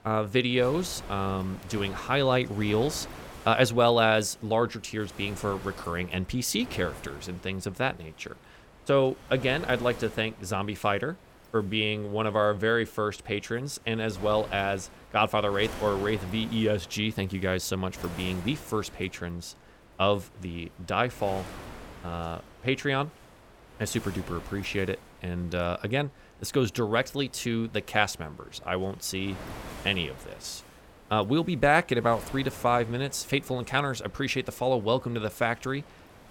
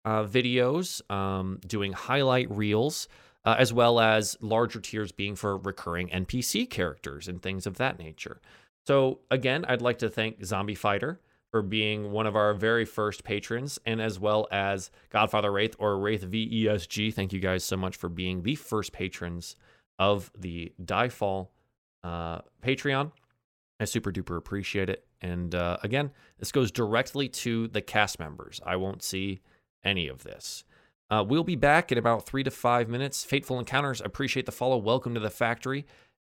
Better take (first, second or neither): second